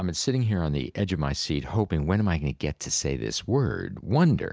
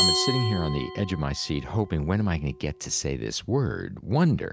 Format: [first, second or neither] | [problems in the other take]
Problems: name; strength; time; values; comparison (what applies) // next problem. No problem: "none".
first | background sound (Glass); 6 dB below the speech